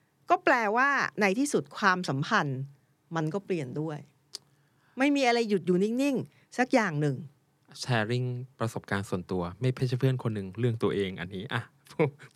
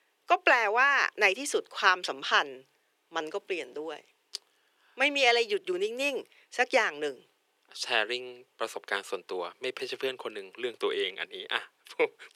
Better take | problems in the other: first | thin; very; fading below 400 Hz

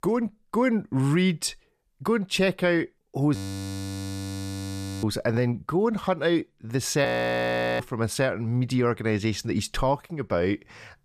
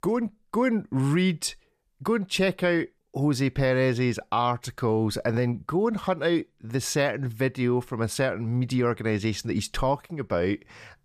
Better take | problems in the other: second | audio freezing; at 3.5 s for 1.5 s and at 7 s for 0.5 s

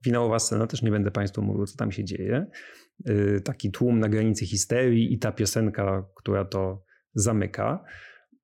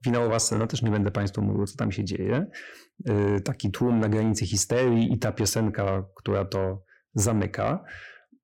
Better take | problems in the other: first | distortion; slight; 10 dB below the speech

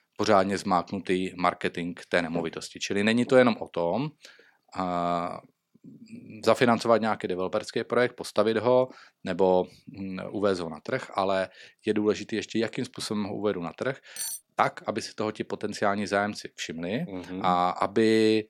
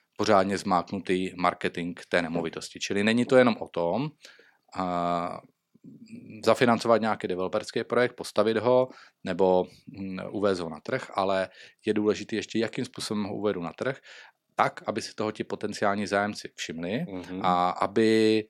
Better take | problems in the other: second | clattering dishes; noticeable; at 14 s; peak 6 dB below the speech

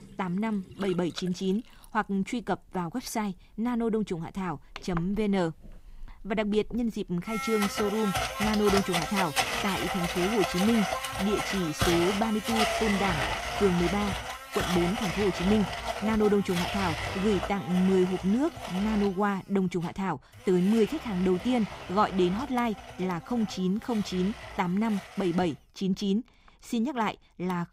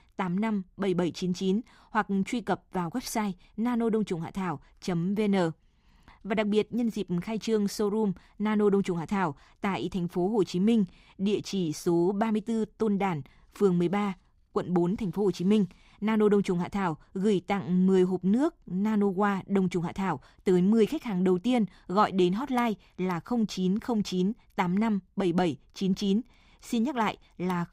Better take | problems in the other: second | household noises; loud; throughout; 4 dB below the speech

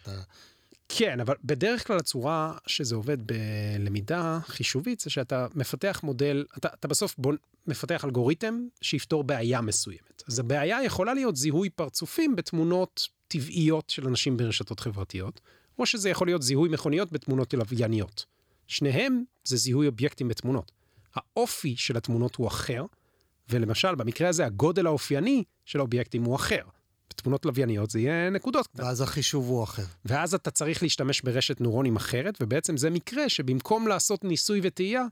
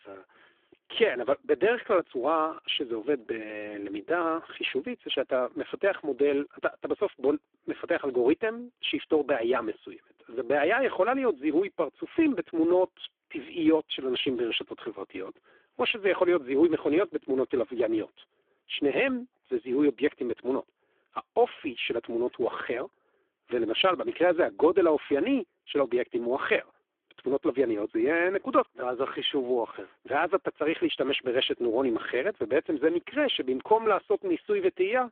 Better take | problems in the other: first | phone-call audio; poor line; nothing above 3.5 kHz

